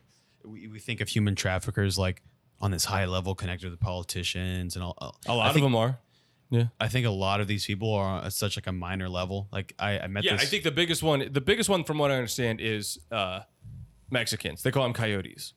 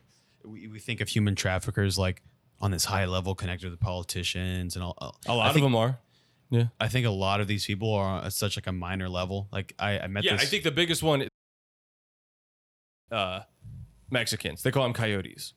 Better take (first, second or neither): first